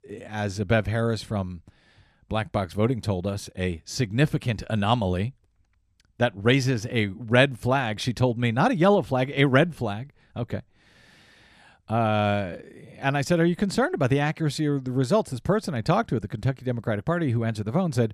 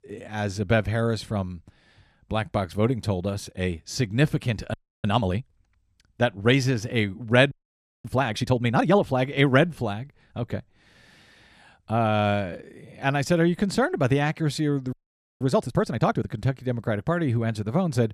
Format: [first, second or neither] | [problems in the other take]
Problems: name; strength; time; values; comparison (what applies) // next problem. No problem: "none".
first | audio freezing; at 4.5 s, at 7.5 s for 0.5 s and at 15 s